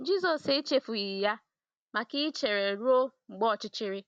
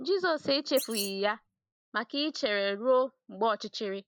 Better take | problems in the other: first | noise reduction (neural mask model Resemble Enhance denoiser)

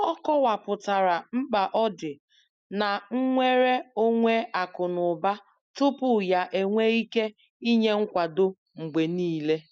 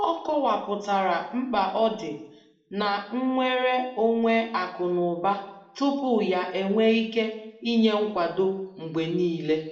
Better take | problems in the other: first | room echo; dies away in 0.7 s

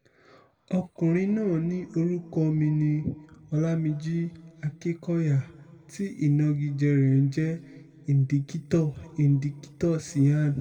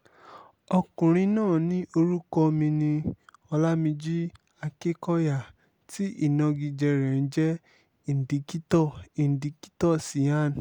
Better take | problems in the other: second | room echo; dies away in 1.4 s

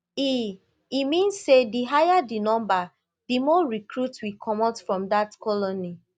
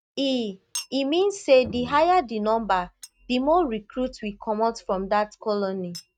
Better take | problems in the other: first | noise reduction (neural mask model RNNoise)

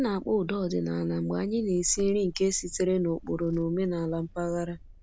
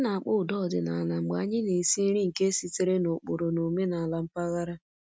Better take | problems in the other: second | background sound (Purr); 18 dB below the speech

